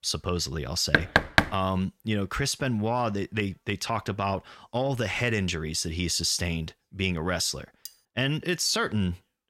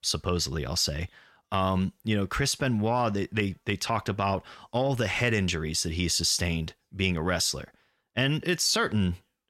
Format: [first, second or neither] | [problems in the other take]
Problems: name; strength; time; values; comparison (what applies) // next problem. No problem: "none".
second | door banging; loud; at 1 s; peak 6 dB above the speech // clattering dishes; very faint; at 8 s; peak 15 dB below the speech